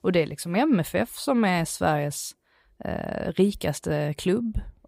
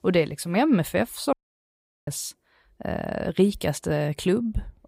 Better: first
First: none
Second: audio cutting out; at 1.5 s for 0.5 s

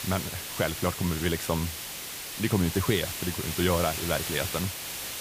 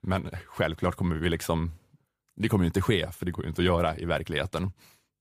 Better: second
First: hiss; loud; throughout; 4 dB below the speech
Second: none

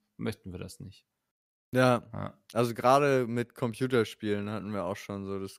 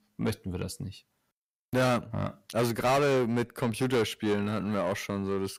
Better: first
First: none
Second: distortion; heavy; 5 dB below the speech

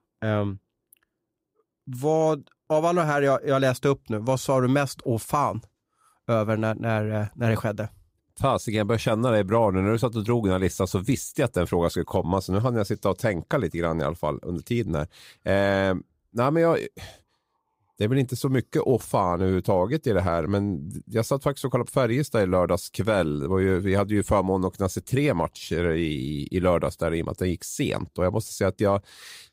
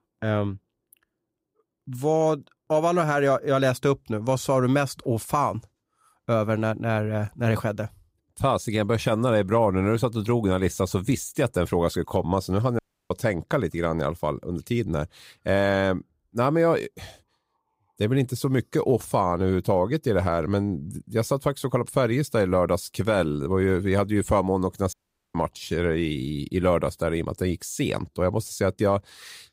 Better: first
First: none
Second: audio cutting out; at 13 s and at 25 s

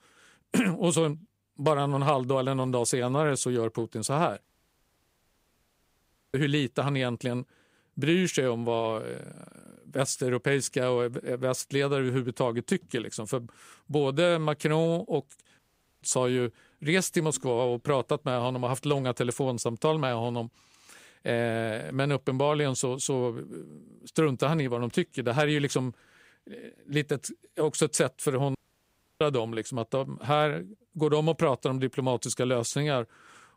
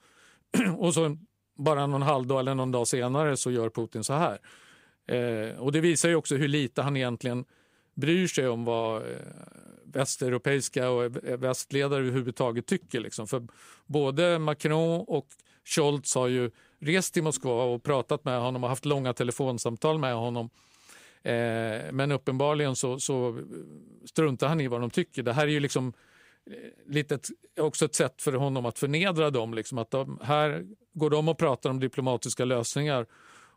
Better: second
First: audio cutting out; at 4.5 s for 2 s, at 16 s and at 29 s for 0.5 s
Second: none

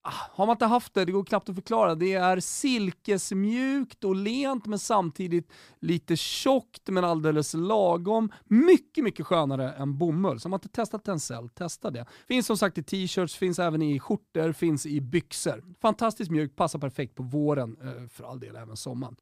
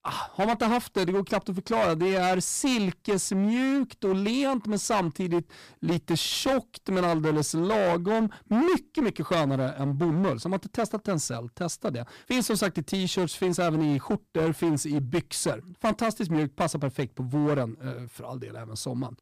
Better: first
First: none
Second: distortion; heavy; 15% of the sound clipped

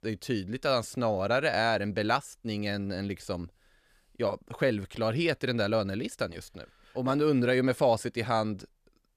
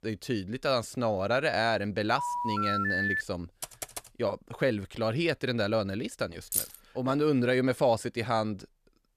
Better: first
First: none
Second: phone ringing; loud; from 2 to 3 s; peak 2 dB above the speech // keyboard typing; noticeable; at 3.5 s; peak 9 dB below the speech // jangling keys; noticeable; at 6.5 s; peak 1 dB below the speech

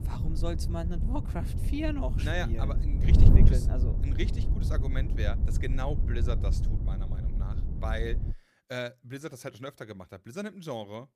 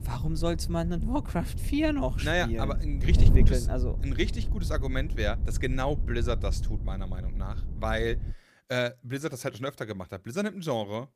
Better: second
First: wind noise on the microphone; heavy; until 8.5 s; 5 dB below the speech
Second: wind noise on the microphone; occasional gusts; until 8.5 s; 15 dB below the speech

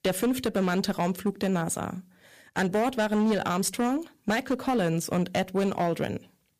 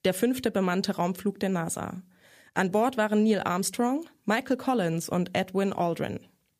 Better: second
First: distortion; slight; 10% of the sound clipped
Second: none

